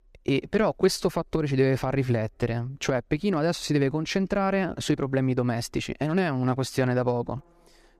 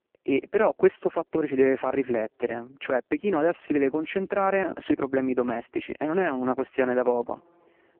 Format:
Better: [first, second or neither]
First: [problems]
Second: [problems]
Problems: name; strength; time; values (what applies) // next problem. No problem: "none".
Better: first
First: none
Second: phone-call audio; poor line